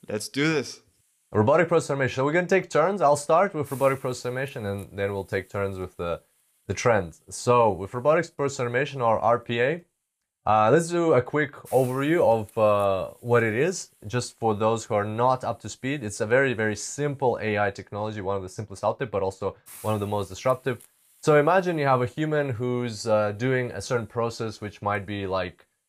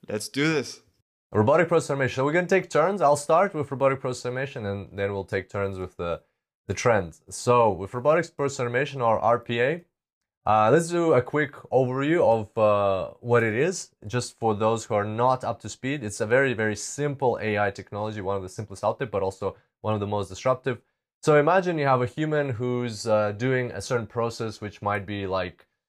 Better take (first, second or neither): second